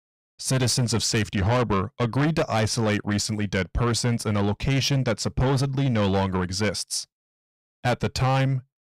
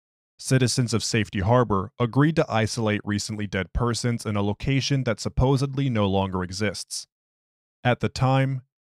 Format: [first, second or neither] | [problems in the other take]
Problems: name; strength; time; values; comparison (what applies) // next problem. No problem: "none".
second | distortion; heavy; 8 dB below the speech